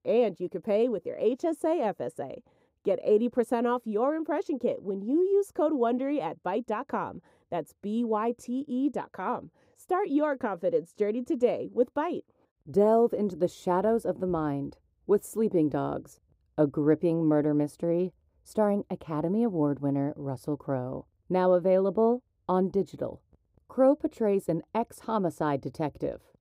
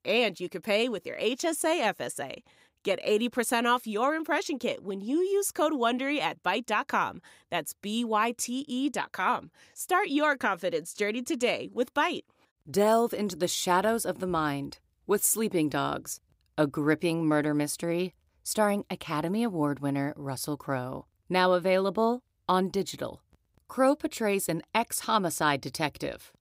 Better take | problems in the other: second | muffled; very; fading above 1.5 kHz

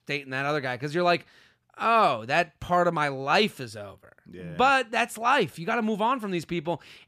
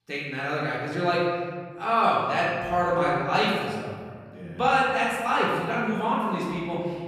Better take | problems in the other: first | room echo; noticeable; dies away in 1.7 s // off-mic speech; far

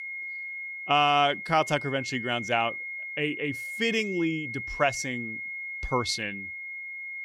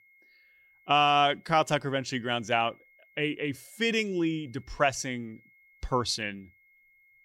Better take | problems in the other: second | high-pitched whine; loud; throughout; 2 kHz, 7 dB below the speech; faint in the second

